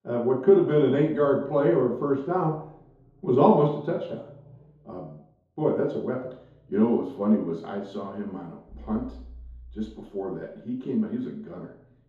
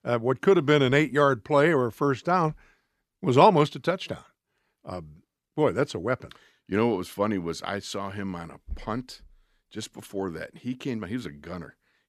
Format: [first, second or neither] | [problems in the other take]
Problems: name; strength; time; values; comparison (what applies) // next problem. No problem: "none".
second | room echo; noticeable; dies away in 3 s // off-mic speech; far